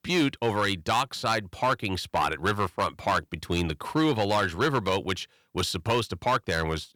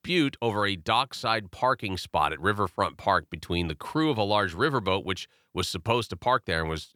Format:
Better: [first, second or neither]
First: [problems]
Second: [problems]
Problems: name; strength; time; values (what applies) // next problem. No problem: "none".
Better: second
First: distortion; slight; 6% of the sound clipped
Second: none